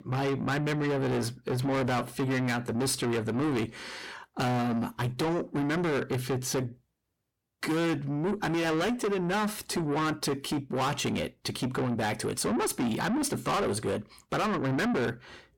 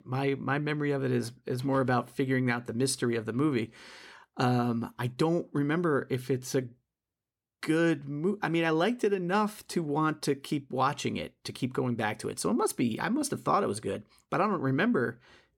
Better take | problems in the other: second | distortion; heavy; 7 dB below the speech

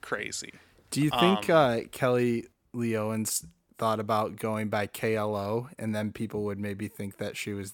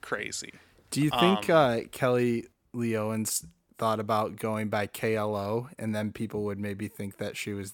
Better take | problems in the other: neither | none

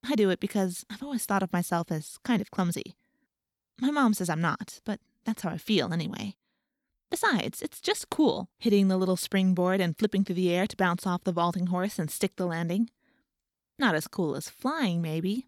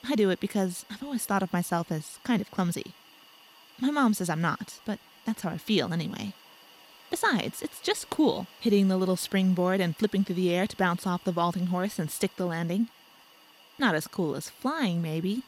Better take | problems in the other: first | hiss; faint; throughout; 25 dB below the speech

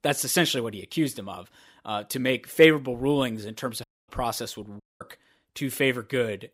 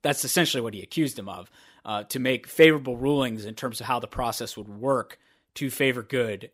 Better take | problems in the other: second | audio cutting out; at 4 s and at 5 s

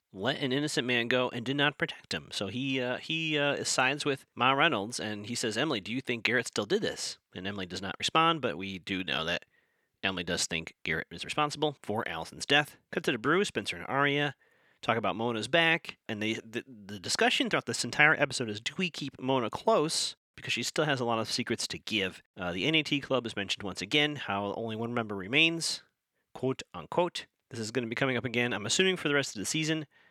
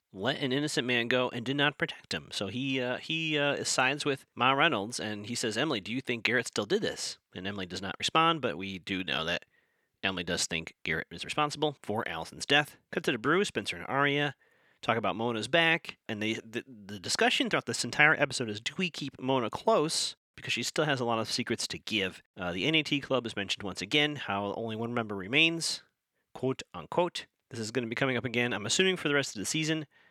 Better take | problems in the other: neither | thin; somewhat; fading below 650 Hz; the same in both

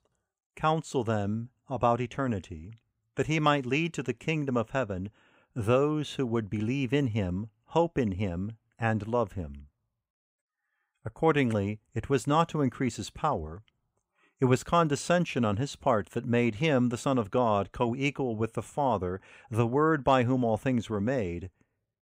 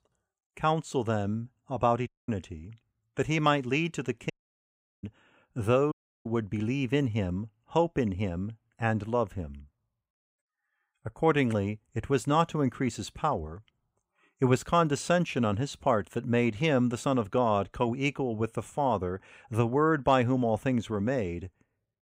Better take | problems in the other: first | audio cutting out; at 2 s, at 4.5 s for 0.5 s and at 6 s

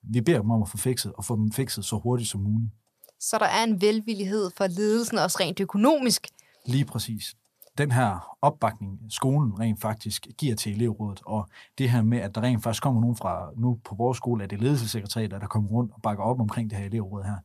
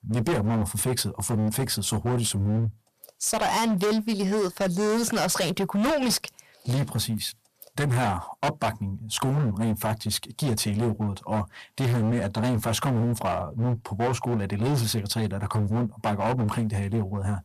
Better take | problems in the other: first | distortion; heavy; 21% of the sound clipped

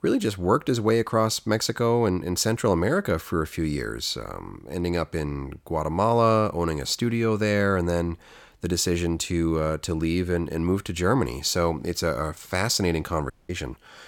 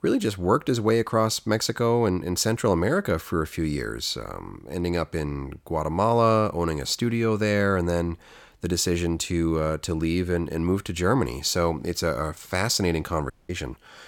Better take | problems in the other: neither | audio cutting out; at 13 s; the same in both

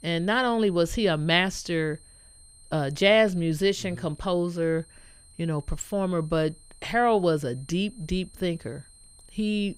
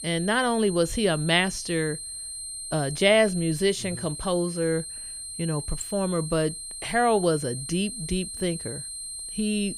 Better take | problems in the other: first | high-pitched whine; loud; throughout; 8.5 kHz, 8 dB below the speech; faint in the first

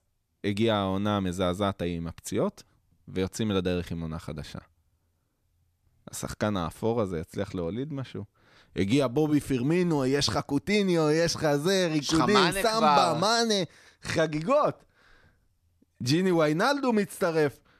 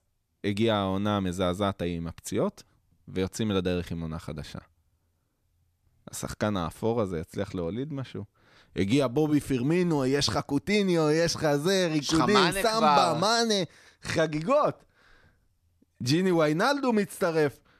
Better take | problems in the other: neither | none

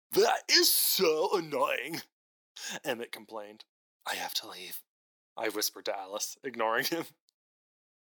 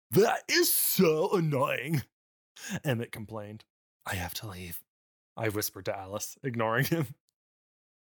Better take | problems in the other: second | thin; somewhat; fading below 300 Hz

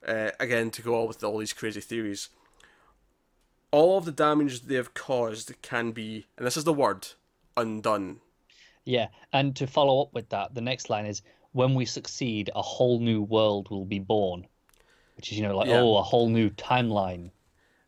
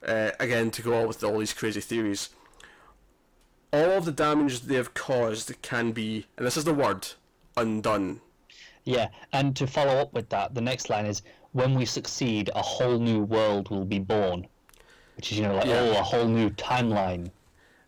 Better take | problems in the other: first | distortion; heavy; 7 dB below the speech

